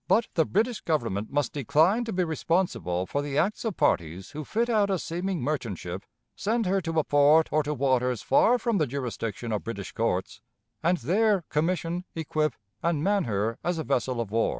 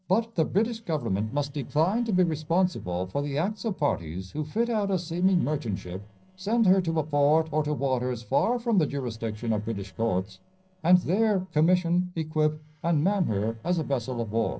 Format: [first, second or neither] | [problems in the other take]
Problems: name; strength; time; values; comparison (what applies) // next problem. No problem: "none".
first | noise reduction (neural separator model SepFormer DNS4)